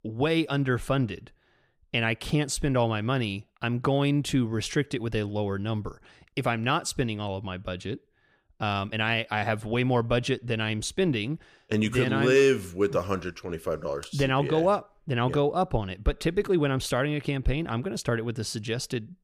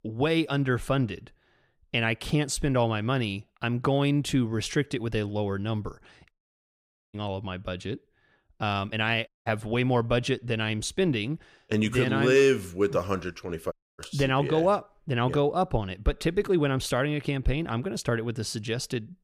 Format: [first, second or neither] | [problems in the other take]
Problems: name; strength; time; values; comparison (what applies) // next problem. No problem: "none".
first | audio cutting out; at 6.5 s for 1 s, at 9.5 s and at 14 s